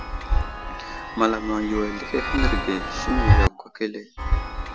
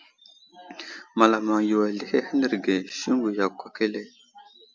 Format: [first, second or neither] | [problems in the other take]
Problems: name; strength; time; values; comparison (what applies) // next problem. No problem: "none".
second | background sound (Chime); 4 dB above the speech